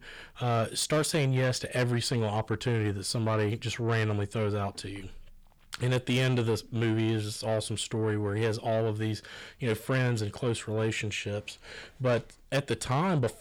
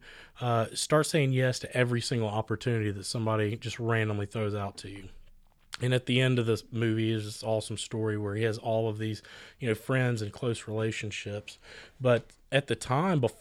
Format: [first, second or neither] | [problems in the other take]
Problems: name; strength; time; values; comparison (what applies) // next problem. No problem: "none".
second | distortion; slight; 10 dB below the speech